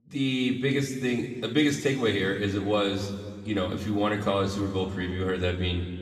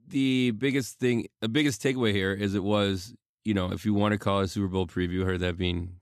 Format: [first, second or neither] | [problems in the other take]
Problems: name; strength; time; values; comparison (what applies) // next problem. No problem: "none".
second | room echo; noticeable; dies away in 1.8 s // off-mic speech; somewhat distant